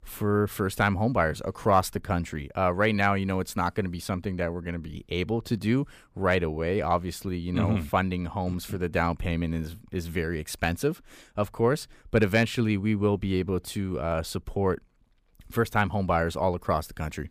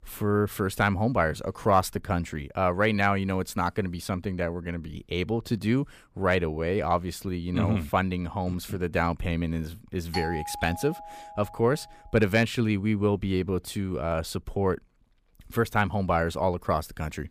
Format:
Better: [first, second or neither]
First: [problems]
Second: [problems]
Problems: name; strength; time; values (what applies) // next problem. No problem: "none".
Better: first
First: none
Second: doorbell; noticeable; from 10 to 12 s; peak 6 dB below the speech